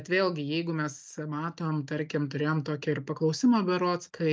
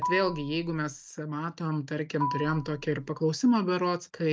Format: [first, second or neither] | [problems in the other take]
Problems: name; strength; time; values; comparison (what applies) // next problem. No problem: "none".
first | background sound (Marimba, xylophone); 9 dB below the speech